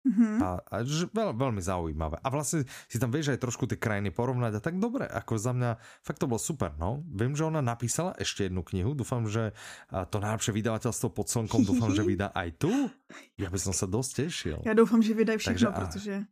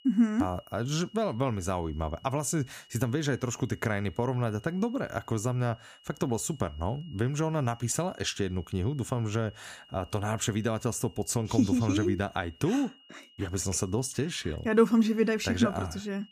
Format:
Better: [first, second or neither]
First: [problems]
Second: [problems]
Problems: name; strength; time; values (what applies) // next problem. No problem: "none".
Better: first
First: none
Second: high-pitched whine; faint; throughout; 3 kHz, 25 dB below the speech